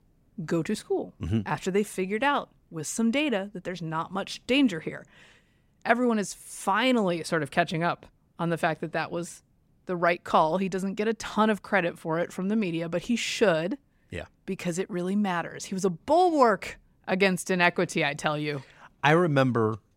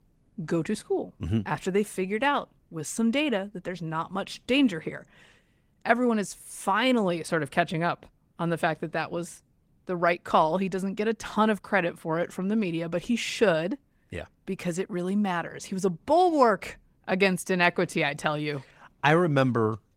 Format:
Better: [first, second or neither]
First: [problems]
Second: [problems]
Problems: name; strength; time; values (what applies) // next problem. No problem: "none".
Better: first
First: none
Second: garbled, watery; slightly; nothing above 16 kHz